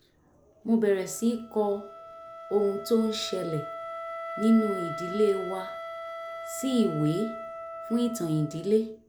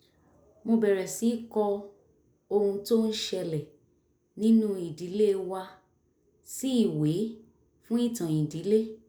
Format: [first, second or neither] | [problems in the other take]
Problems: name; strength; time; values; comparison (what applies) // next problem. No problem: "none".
second | background sound (Wind instrument, woodwind instrument); 11 dB below the speech